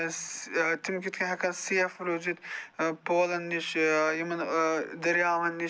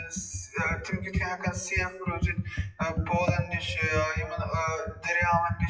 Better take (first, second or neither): first